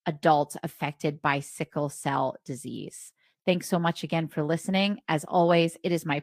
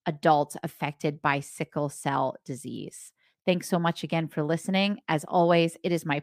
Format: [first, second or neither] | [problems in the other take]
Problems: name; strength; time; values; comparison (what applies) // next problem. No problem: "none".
second | garbled, watery; slightly; nothing above 15 kHz